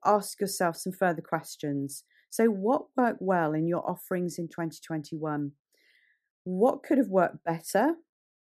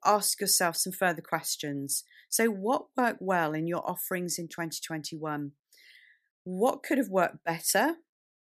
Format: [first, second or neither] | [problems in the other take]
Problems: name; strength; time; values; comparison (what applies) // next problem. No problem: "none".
second | muffled; slightly; fading above 1 kHz